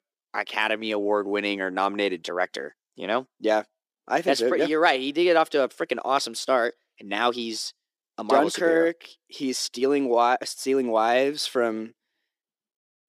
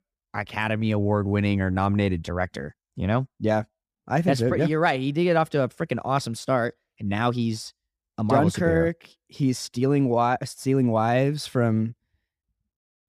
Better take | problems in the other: second | thin; somewhat; fading below 350 Hz

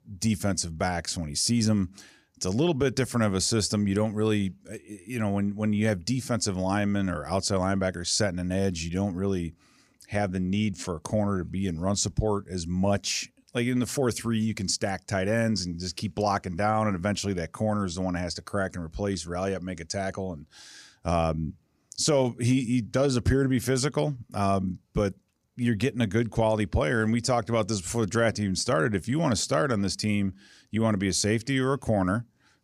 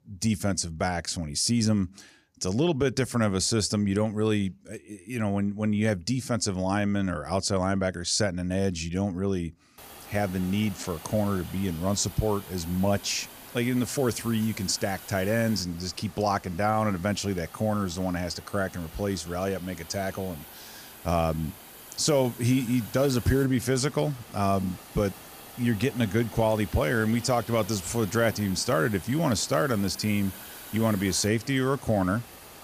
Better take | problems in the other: first | hiss; noticeable; from 10 s on; 15 dB below the speech

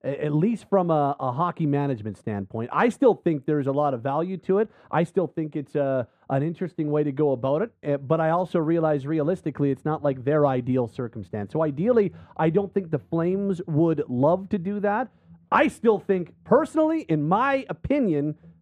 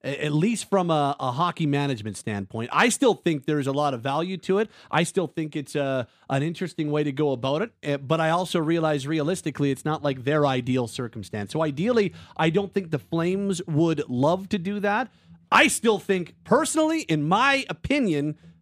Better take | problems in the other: second | muffled; very; fading above 2.5 kHz

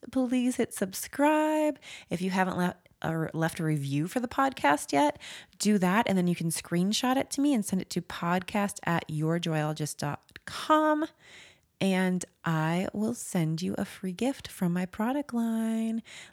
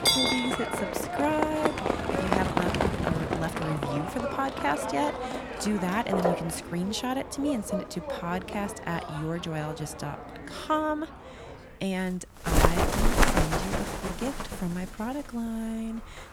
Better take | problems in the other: first | animal sounds; very loud; throughout; 2 dB above the speech

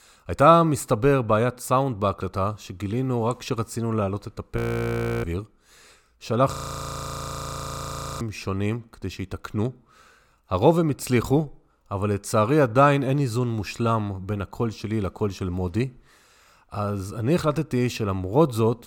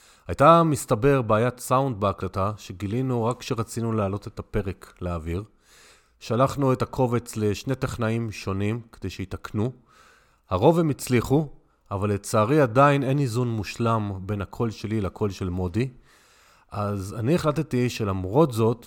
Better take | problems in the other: second | audio freezing; at 4.5 s for 0.5 s and at 6.5 s for 1.5 s

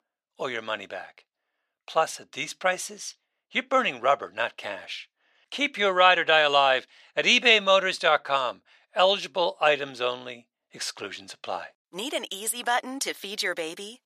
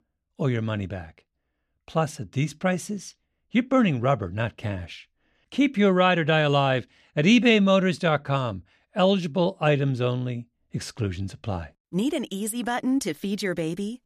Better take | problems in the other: second | thin; very; fading below 750 Hz

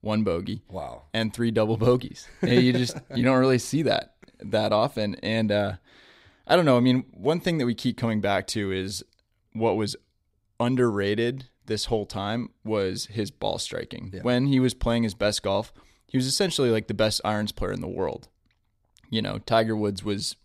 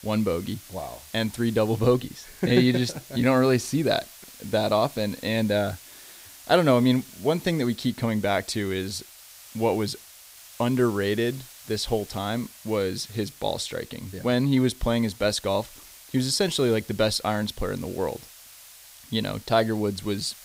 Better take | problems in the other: first | hiss; noticeable; throughout; 20 dB below the speech

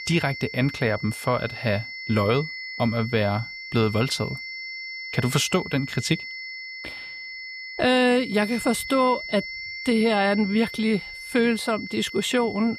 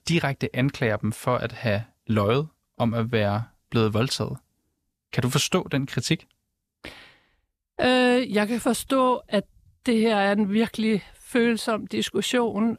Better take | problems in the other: second | high-pitched whine; loud; throughout; 2 kHz, 10 dB below the speech

